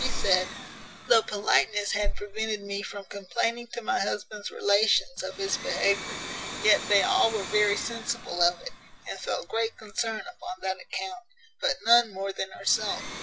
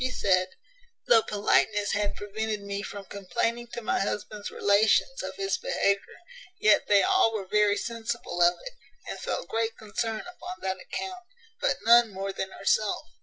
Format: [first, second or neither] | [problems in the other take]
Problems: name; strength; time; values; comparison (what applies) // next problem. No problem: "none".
second | background sound (Domestic sounds, home sounds); 14 dB below the speech